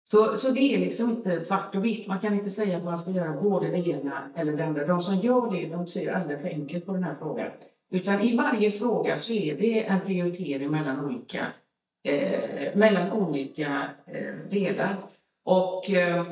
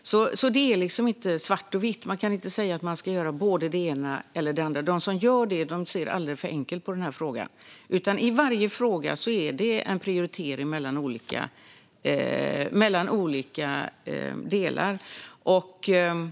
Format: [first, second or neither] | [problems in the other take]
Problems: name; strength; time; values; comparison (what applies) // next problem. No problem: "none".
second | noise reduction (neural mask model DeepFilterNet 3)